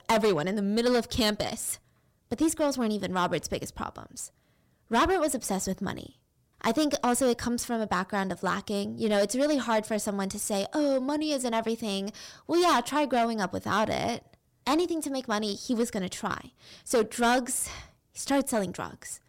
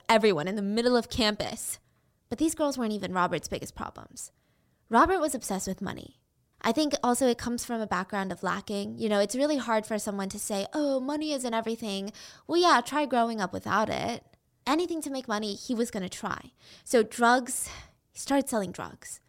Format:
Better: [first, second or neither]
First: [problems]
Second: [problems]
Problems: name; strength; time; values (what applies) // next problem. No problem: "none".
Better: second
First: distortion; slight; 5% of the sound clipped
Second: none